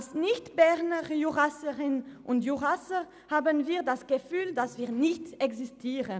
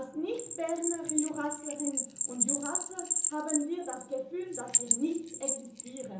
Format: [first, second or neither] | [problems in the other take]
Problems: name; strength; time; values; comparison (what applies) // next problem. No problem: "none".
first | background sound (Bell); 3 dB above the speech // room echo; dies away in 1 s